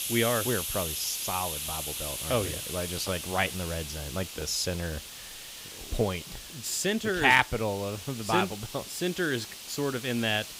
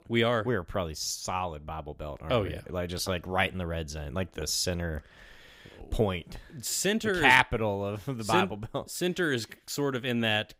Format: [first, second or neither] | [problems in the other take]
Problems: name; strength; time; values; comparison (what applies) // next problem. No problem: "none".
second | hiss; loud; throughout; 6 dB below the speech